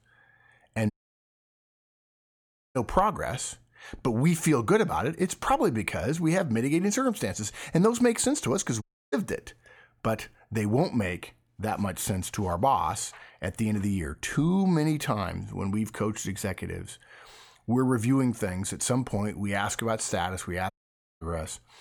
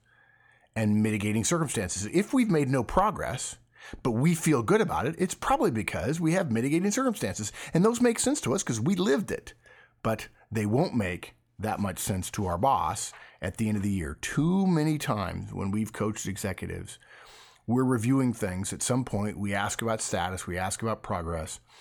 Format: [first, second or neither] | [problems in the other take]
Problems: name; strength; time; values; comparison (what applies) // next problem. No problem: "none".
second | audio cutting out; at 1 s for 2 s, at 9 s and at 21 s for 0.5 s